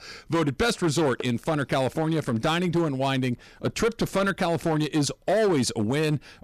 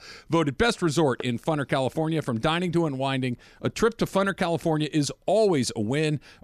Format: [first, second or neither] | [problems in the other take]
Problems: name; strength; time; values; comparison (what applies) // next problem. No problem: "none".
second | distortion; slight; 11% of the sound clipped